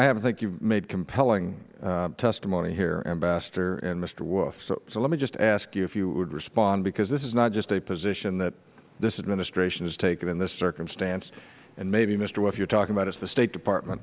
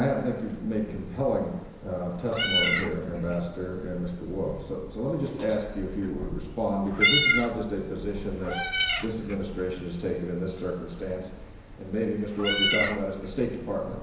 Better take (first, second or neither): first